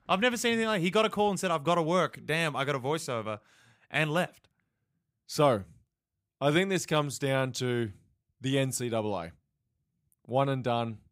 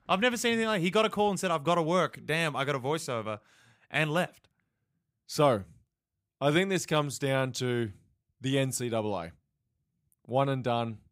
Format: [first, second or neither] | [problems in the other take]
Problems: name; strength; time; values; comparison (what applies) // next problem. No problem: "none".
neither | none